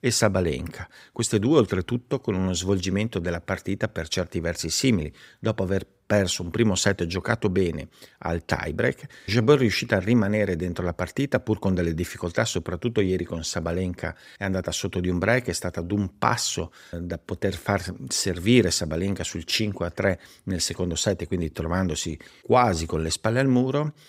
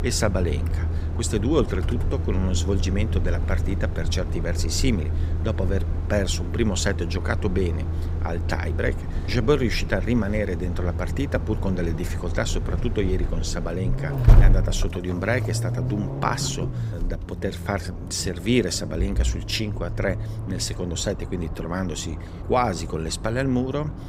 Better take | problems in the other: first | traffic noise; loud; throughout; 1 dB below the speech

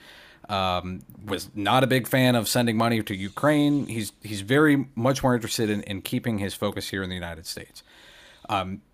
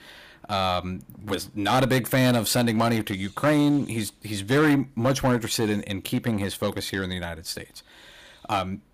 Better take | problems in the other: first | distortion; slight; 5% of the sound clipped

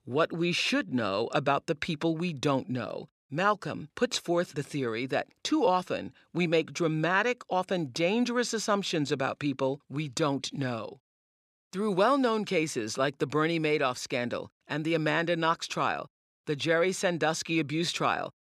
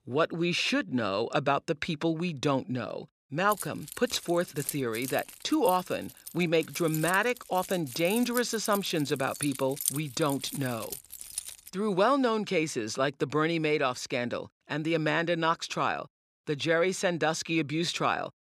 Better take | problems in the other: first | jangling keys; noticeable; from 3.5 to 12 s; peak 2 dB below the speech

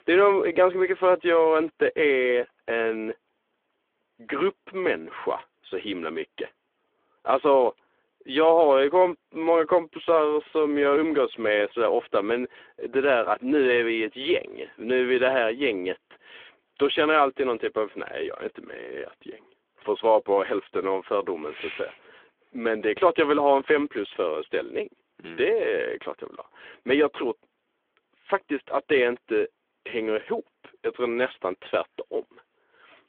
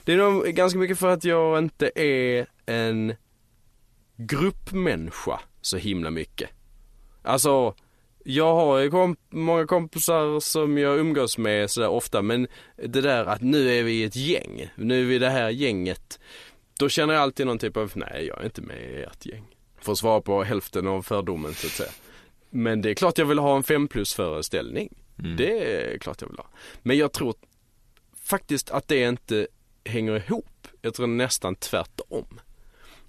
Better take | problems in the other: second | phone-call audio

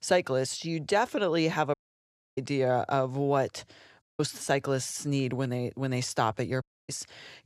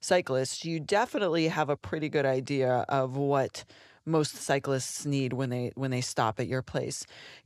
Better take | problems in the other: second | audio cutting out; at 1.5 s for 0.5 s, at 4 s and at 6.5 s

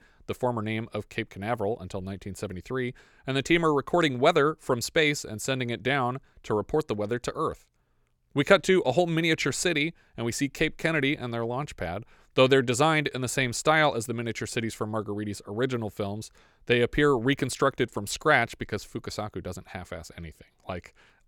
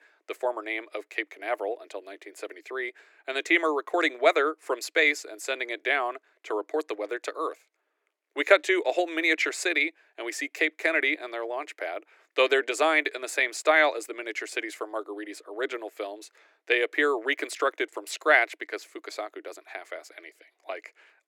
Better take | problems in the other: first | thin; very; fading below 300 Hz

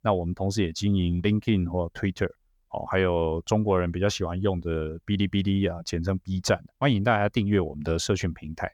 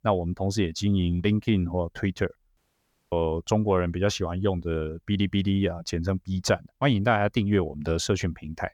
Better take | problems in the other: first | audio cutting out; at 2.5 s for 0.5 s

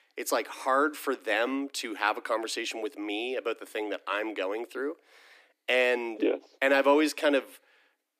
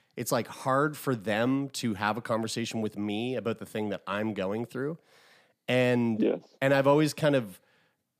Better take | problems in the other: second | thin; very slightly; fading below 300 Hz

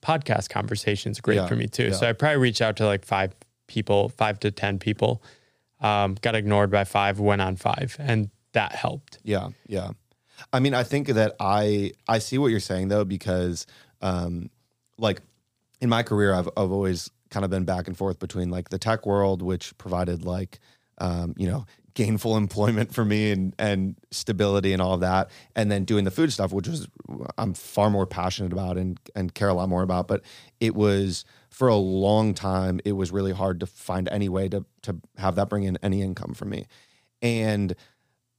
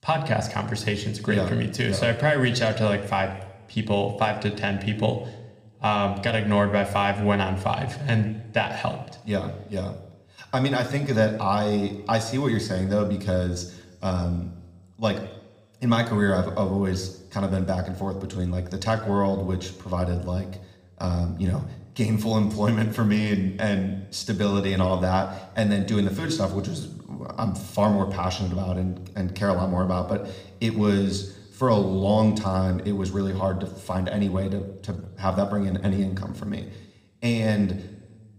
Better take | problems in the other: first | room echo; slight; dies away in 1 s

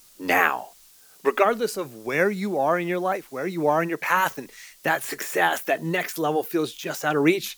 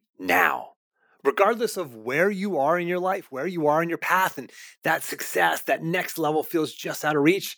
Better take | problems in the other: second | hiss; faint; throughout; 25 dB below the speech

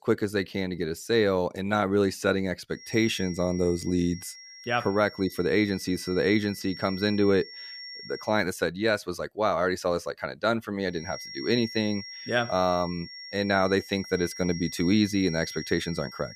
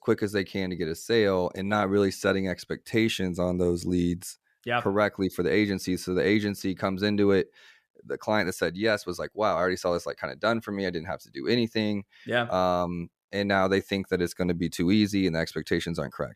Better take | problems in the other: second | high-pitched whine; noticeable; from 3 to 8.5 s and from 11 s on; 5.5 kHz, 15 dB below the speech

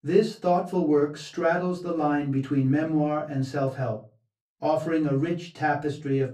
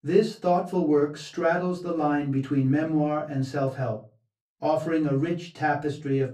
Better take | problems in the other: neither | off-mic speech; far; the same in both // room echo; very slight; dies away in 0.3 s; the same in both

